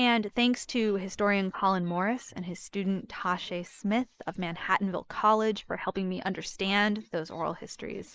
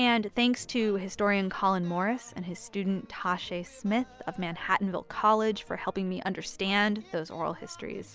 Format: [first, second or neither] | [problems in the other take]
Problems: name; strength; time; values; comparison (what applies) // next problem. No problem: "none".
second | noise reduction (neural mask model Resemble Enhance denoiser)